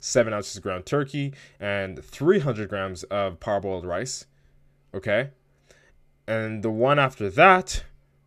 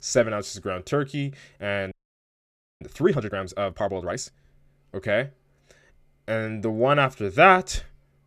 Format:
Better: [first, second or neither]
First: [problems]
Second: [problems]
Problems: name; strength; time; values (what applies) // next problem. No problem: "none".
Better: first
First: none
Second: audio freezing; at 2 s for 1 s